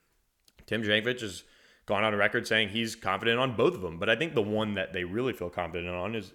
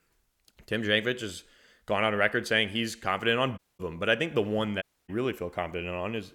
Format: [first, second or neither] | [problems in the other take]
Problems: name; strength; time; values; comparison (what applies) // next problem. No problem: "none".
first | audio cutting out; at 3.5 s and at 5 s